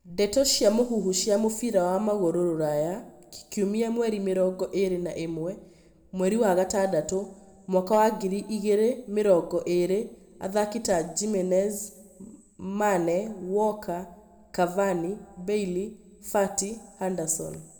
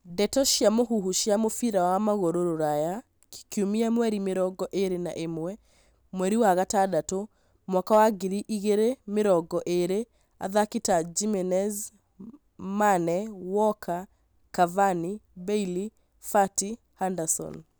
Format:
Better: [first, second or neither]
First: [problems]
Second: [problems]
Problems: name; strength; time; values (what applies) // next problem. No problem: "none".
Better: second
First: room echo; dies away in 1.2 s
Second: none